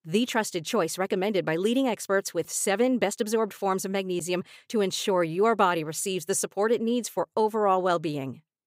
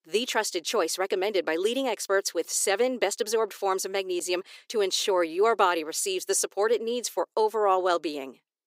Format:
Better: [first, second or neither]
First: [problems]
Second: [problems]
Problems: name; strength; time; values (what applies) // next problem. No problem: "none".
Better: first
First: none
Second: thin; somewhat; fading below 350 Hz